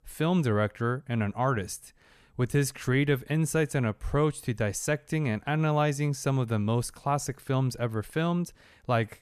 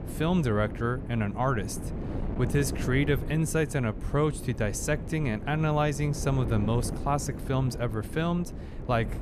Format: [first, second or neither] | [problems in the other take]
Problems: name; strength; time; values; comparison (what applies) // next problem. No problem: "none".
first | wind noise on the microphone; occasional gusts; 10 dB below the speech